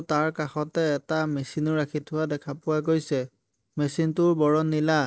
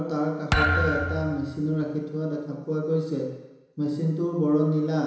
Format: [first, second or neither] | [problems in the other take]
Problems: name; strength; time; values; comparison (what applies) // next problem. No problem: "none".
first | background sound (Thump, thud); 1 dB below the speech // room echo; dies away in 1 s